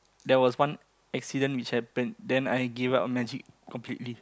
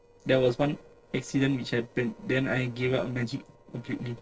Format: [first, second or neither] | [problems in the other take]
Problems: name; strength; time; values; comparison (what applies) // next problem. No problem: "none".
first | noise reduction (neural separator model SepFormer DNS4)